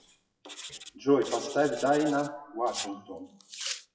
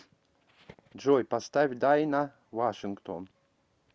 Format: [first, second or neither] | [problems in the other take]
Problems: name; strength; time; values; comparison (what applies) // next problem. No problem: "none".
second | noise reduction (classical method WPE with log-MMSE)